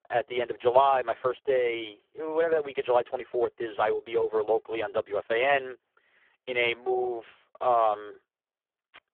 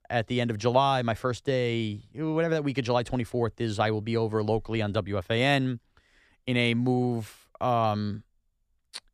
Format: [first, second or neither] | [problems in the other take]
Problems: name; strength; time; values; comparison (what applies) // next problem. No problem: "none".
second | phone-call audio; poor line; nothing above 3 kHz